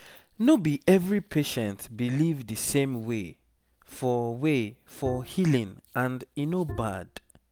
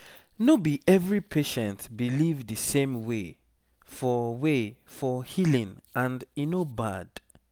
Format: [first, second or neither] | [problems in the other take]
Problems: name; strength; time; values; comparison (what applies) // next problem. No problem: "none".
second | background sound (Bowed string instrument); 14 dB below the speech